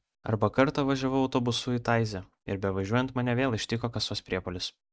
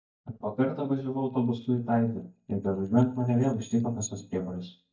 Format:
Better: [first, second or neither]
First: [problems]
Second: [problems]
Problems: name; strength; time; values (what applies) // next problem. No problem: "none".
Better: first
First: none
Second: noise reduction (neural mask model DeepFilterNet 3)